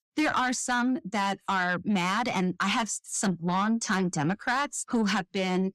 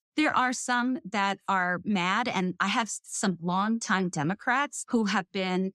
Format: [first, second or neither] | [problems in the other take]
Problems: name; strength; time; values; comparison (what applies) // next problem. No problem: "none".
second | distortion; slight; 10 dB below the speech